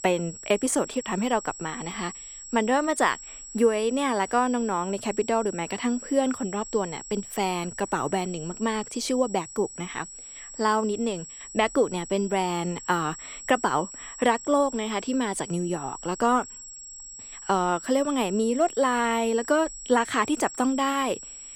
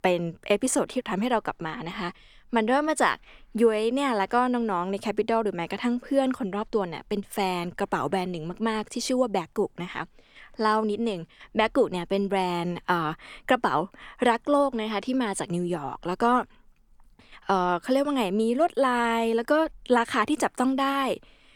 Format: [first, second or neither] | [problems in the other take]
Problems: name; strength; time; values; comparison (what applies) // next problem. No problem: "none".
second | high-pitched whine; noticeable; throughout; 7.5 kHz, 15 dB below the speech